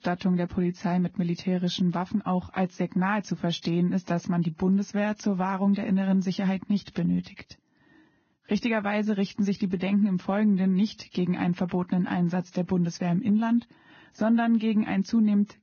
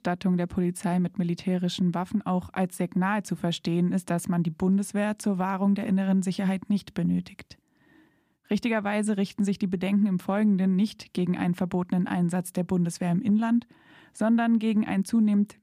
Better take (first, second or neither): second